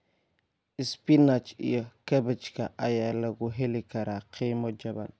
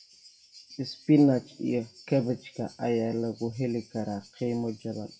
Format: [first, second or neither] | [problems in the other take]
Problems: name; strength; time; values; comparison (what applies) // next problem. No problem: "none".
first | noise reduction (classical method WPE with log-MMSE)